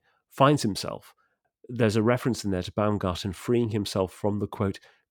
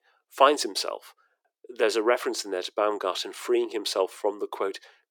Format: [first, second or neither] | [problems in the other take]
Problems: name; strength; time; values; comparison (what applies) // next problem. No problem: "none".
first | thin; very; fading below 350 Hz